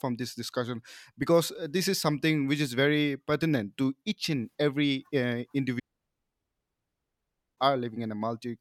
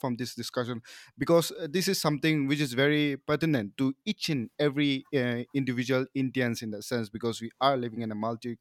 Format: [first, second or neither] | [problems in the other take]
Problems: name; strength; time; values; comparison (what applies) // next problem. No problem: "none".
second | audio cutting out; at 6 s for 2 s